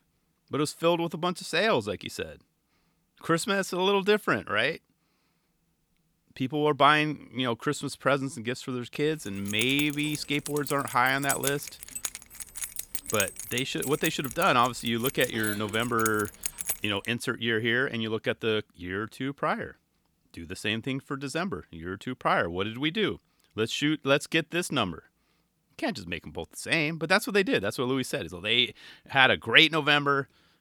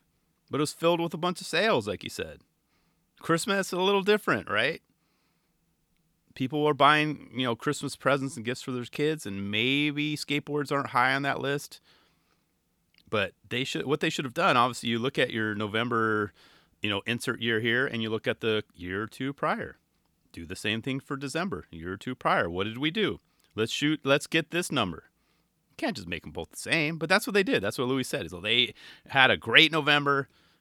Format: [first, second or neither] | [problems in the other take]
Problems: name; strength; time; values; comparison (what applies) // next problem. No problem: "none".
second | jangling keys; noticeable; from 9.5 to 17 s; peak 3 dB below the speech